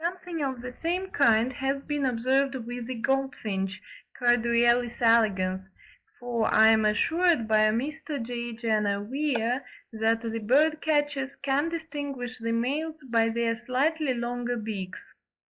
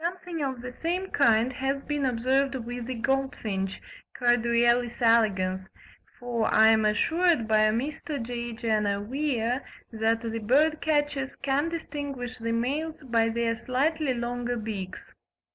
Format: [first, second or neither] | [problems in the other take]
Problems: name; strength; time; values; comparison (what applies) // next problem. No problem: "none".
second | noise reduction (classical method log-MMSE)